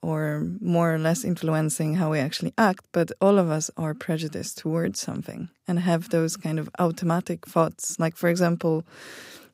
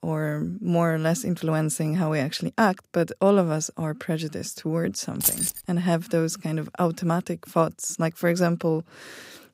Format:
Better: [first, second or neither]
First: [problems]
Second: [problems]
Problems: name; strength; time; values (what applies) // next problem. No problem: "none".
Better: first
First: none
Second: jangling keys; loud; at 5 s; peak 3 dB above the speech